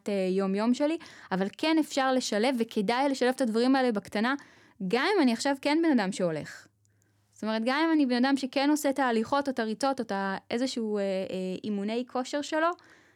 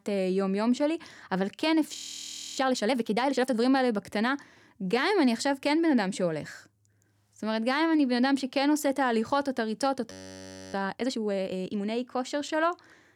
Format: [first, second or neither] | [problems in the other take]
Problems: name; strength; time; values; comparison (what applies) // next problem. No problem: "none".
first | audio freezing; at 2 s for 0.5 s and at 10 s for 0.5 s